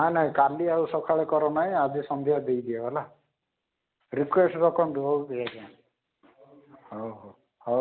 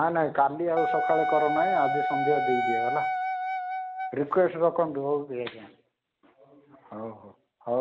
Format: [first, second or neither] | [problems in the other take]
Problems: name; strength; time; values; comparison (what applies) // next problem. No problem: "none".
first | background sound (Wind instrument, woodwind instrument); as loud as the speech